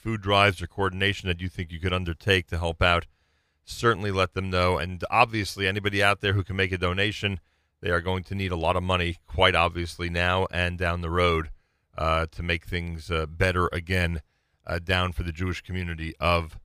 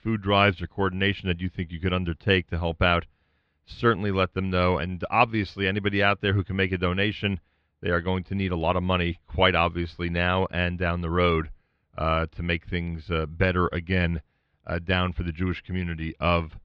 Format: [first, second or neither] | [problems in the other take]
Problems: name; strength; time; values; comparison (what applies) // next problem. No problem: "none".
first | muffled; very slightly; fading above 4 kHz